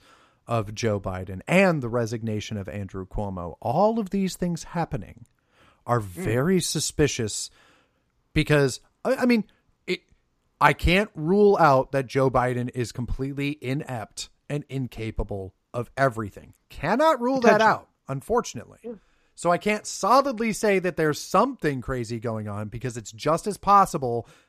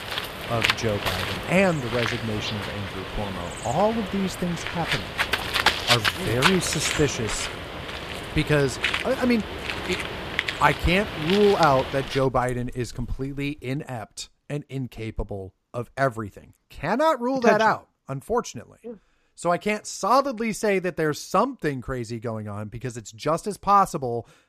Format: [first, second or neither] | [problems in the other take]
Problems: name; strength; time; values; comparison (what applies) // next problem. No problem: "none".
first | animal sounds; loud; until 13 s; 2 dB below the speech